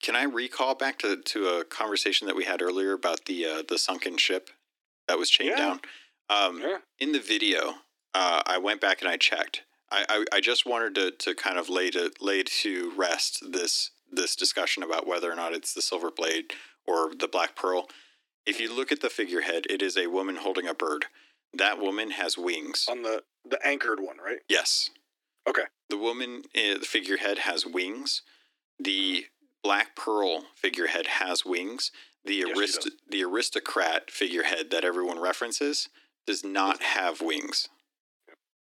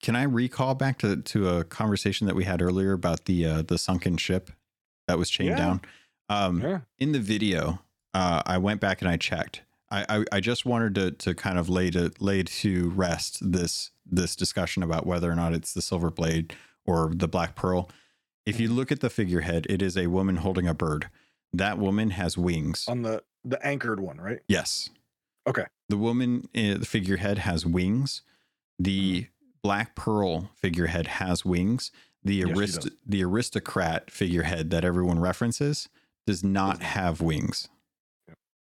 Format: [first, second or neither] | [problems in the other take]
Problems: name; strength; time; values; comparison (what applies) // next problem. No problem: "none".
second | thin; somewhat; fading below 300 Hz